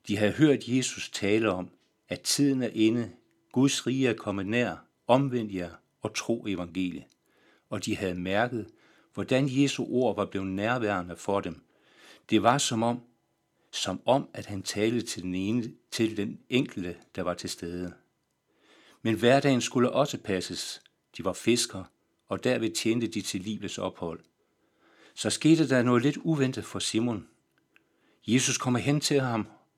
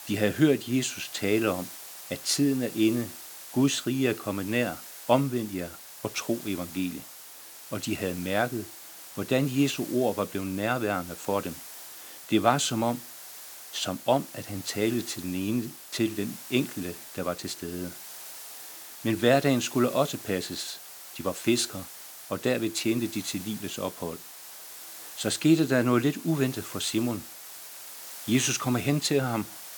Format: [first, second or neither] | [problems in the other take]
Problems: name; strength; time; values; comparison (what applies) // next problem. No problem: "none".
first | hiss; noticeable; throughout; 15 dB below the speech